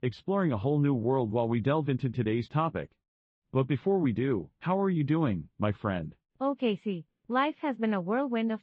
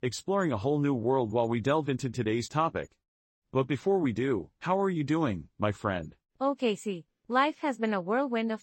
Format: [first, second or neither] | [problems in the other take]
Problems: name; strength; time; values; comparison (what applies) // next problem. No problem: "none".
second | muffled; slightly; fading above 3.5 kHz